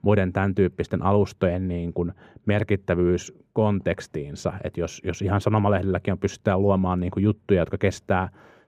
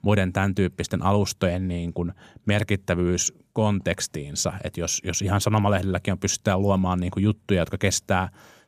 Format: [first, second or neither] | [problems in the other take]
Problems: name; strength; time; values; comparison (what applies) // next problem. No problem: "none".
second | muffled; very; fading above 3.5 kHz